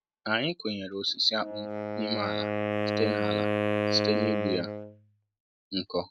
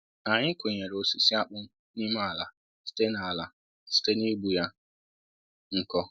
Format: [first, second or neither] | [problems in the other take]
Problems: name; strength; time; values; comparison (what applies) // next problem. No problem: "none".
second | noise reduction (neural mask model RNNoise)